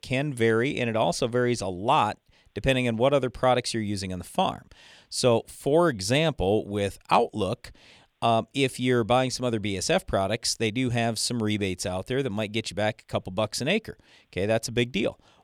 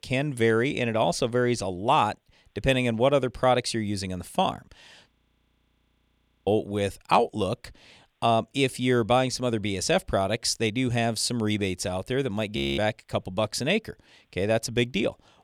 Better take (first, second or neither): first